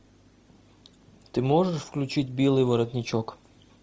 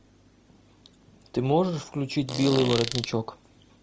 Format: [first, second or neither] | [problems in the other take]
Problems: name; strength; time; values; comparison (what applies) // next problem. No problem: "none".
first | background sound (Fart); 5 dB below the speech